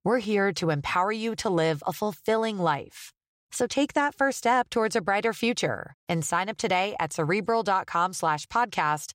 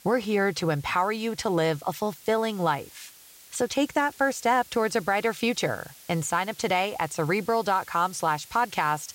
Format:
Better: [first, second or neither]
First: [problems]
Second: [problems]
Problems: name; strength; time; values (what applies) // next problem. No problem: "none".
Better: first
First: none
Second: hiss; faint; throughout; 20 dB below the speech